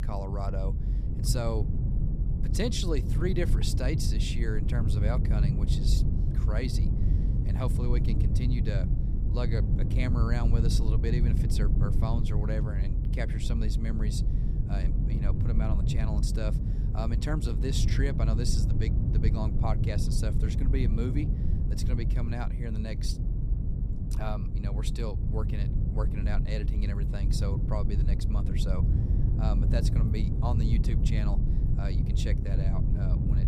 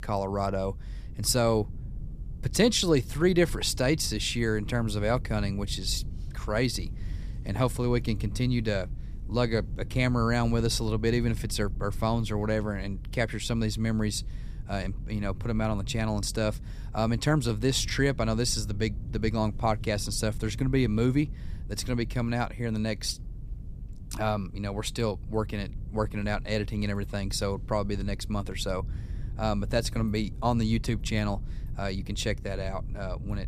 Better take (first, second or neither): second